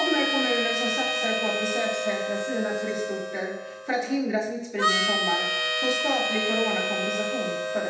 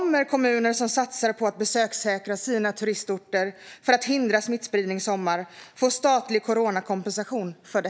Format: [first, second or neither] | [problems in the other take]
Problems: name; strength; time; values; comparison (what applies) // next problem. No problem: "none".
second | background sound (Harmonica); 1 dB above the speech // room echo; dies away in 0.8 s